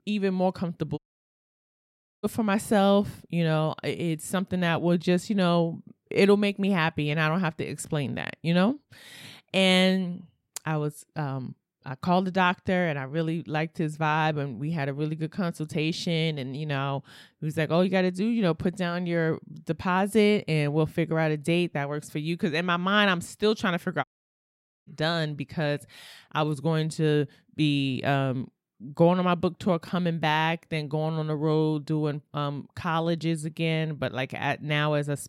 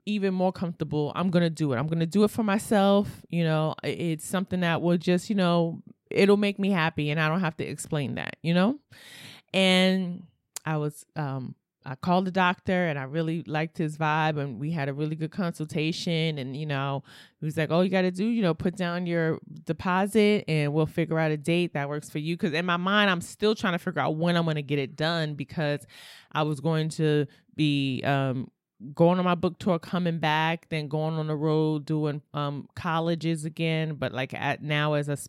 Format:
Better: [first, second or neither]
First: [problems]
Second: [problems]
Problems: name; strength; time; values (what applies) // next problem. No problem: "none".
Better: second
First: audio cutting out; at 1 s for 1.5 s and at 24 s for 1 s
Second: none